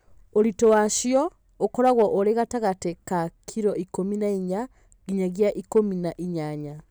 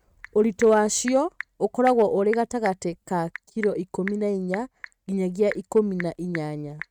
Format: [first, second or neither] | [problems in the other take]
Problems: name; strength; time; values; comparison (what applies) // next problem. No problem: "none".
first | noise reduction (neural mask model RNNoise)